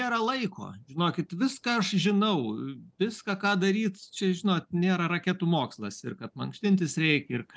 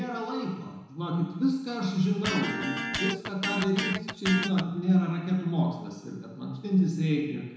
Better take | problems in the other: first | background sound (Electric guitar); 4 dB below the speech // room echo; dies away in 1 s

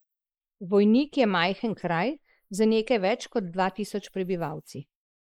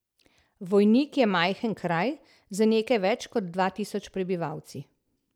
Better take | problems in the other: second | noise reduction (neural mask model Resemble Enhance denoiser)

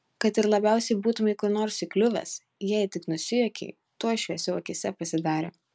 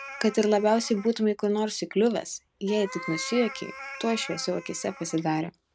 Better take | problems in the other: first | background sound (Meow); 16 dB below the speech

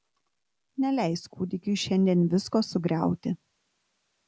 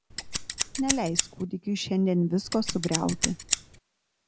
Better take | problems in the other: first | background sound (Scissors); 2 dB below the speech

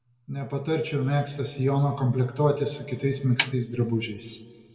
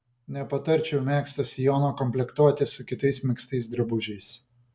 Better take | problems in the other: second | background sound (Snare drum); 7 dB below the speech // room echo; dies away in 1.7 s

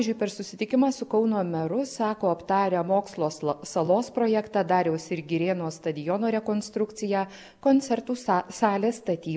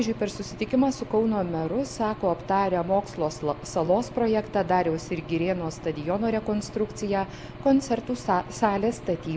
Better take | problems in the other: first | background sound (Engine / Aircraft); 14 dB below the speech

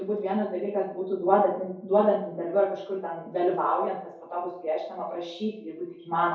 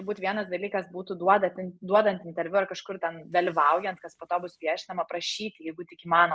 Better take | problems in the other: second | room echo; dies away in 2.3 s

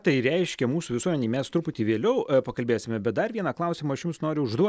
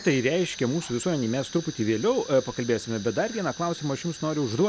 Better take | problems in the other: first | background sound (Fire); 16 dB below the speech

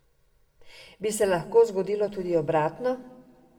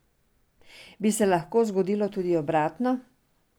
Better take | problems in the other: second | room echo; dies away in 0.7 s

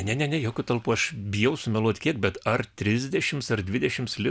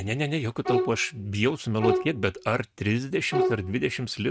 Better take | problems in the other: first | noise reduction (neural mask model RNNoise)

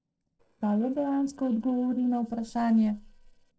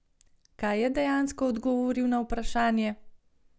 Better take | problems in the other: second | noise reduction (neural separator model SepFormer DNS4)

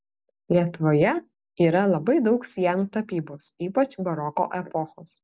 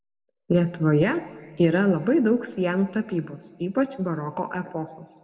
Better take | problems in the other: first | room echo; dies away in 1.1 s

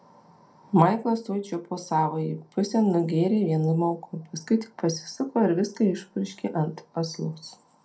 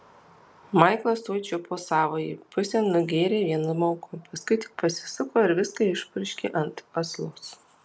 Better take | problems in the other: second | room echo; dies away in 0.2 s

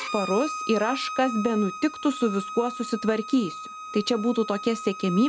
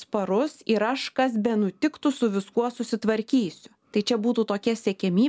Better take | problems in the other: second | background sound (Bowed string instrument); 10 dB below the speech

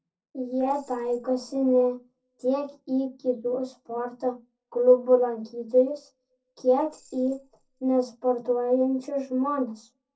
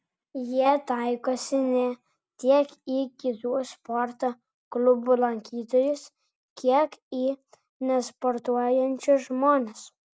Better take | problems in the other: second | noise reduction (neural separator model SepFormer DNS4)

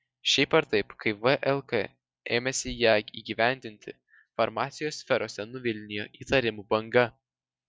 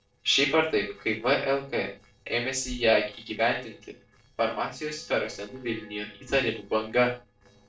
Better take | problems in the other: first | noise reduction (neural separator model SepFormer DNS4)

